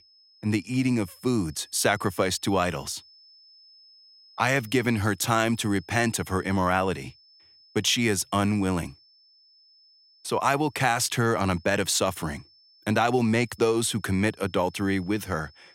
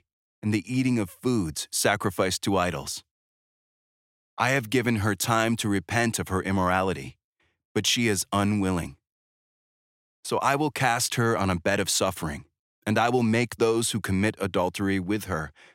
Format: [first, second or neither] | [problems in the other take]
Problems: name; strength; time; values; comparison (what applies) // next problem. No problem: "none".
second | high-pitched whine; faint; throughout; 5 kHz, 30 dB below the speech